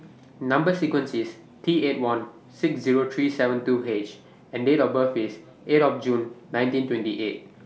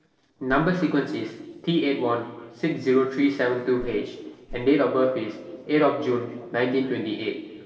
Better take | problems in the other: first | noise reduction (neural separator model SepFormer DNS4)

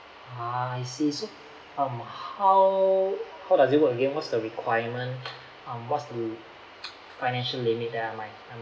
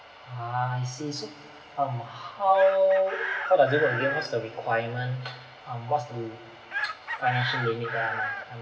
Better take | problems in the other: first | background sound (Chicken, rooster); 8 dB below the speech // room echo; dies away in 1.3 s

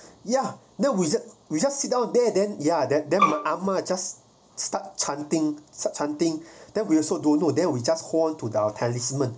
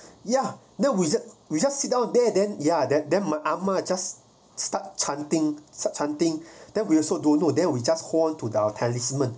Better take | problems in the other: second | background sound (Bowed string instrument); 1 dB below the speech

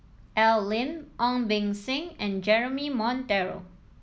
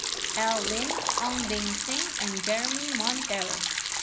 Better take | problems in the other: first | background sound (Liquid); 3 dB above the speech

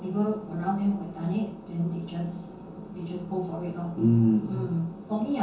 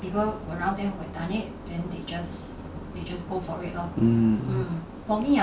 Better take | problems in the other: second | room echo; dies away in 0.6 s

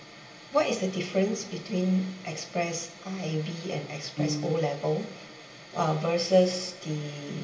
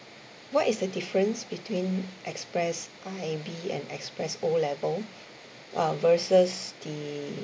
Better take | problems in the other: second | background sound (Piano); 14 dB below the speech // room echo; dies away in 0.8 s

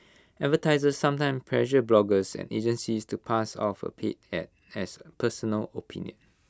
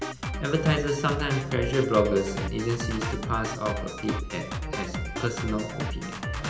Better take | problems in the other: first | background sound (Drum kit); 4 dB below the speech // room echo; dies away in 0.8 s

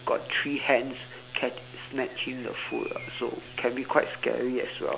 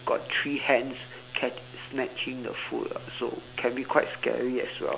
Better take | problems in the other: second | background sound (Bird); 19 dB below the speech

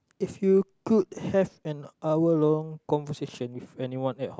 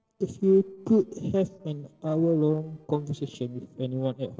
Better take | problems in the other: first | noise reduction (neural separator model SepFormer DNS4)

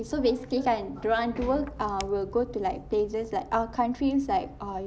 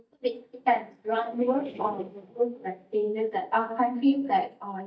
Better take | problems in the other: first | noise reduction (neural mask model DeepFilterNet 3)

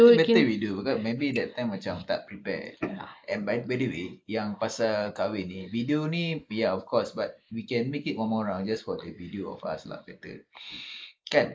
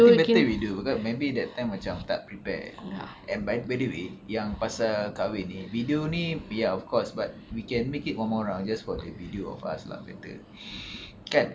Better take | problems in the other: second | noise reduction (neural mask model Resemble Enhance denoiser)

